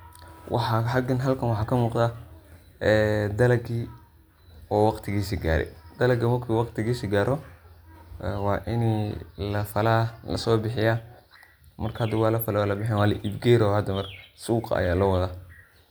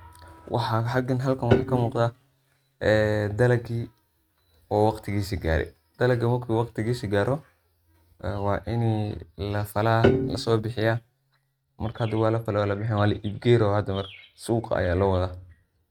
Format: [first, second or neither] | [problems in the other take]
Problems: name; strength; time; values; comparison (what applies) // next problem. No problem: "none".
first | noise reduction (neural mask model RNNoise)